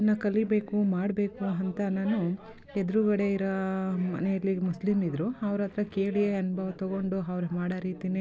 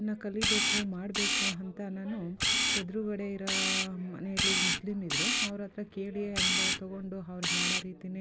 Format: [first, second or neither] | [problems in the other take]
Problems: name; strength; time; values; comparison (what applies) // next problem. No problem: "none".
first | background sound (Camera); 4 dB above the speech